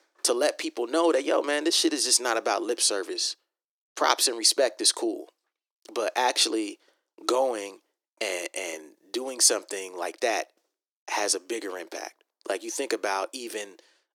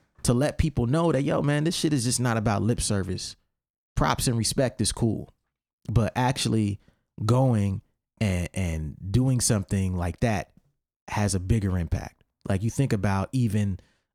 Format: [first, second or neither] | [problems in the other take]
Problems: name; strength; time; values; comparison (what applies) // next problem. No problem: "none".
second | thin; very; fading below 300 Hz